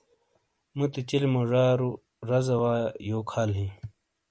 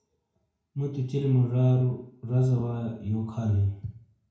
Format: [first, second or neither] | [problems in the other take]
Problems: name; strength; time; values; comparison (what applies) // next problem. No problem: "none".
first | room echo; dies away in 0.5 s